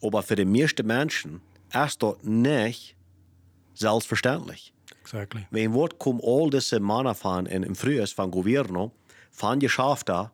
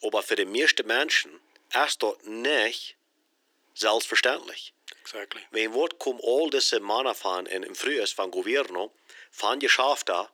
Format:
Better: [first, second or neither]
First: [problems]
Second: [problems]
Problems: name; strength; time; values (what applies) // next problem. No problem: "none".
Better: first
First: none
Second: thin; very; fading below 350 Hz